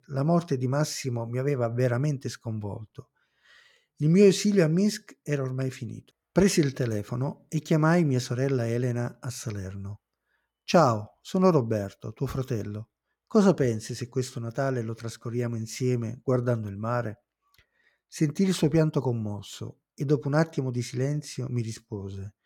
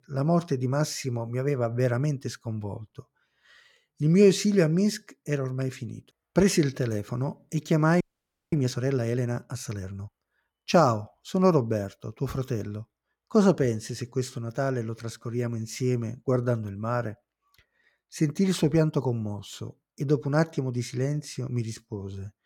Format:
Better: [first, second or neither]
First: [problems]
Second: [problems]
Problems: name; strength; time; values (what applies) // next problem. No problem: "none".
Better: first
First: none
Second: audio freezing; at 8 s for 0.5 s